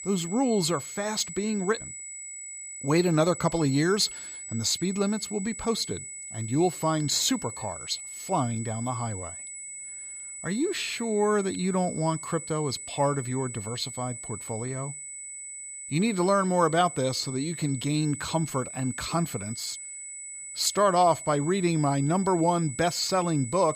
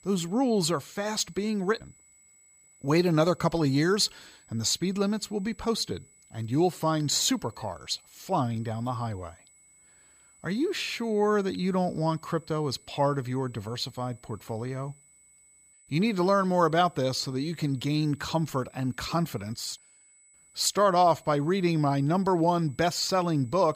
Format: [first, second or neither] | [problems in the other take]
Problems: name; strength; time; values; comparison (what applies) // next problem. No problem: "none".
second | high-pitched whine; loud; throughout; 8 kHz, 10 dB below the speech; faint in the second